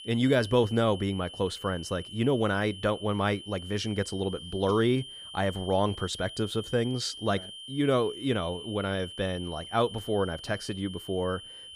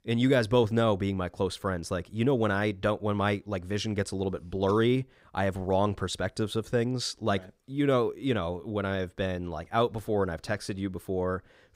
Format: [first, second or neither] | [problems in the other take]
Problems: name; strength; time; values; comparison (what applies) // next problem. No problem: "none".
second | high-pitched whine; noticeable; throughout; 3 kHz, 10 dB below the speech